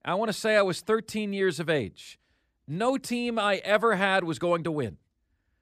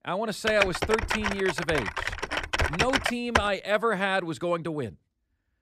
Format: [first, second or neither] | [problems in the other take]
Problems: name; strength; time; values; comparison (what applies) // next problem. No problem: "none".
first | keyboard typing; loud; until 3.5 s; peak 3 dB above the speech